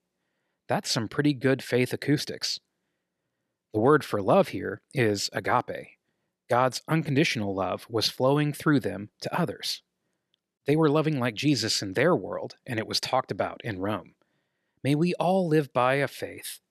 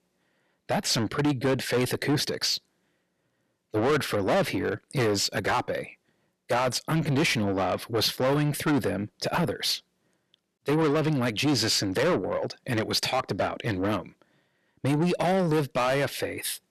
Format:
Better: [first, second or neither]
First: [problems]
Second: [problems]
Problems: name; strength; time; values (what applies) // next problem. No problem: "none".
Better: first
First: none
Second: distortion; heavy; 6 dB below the speech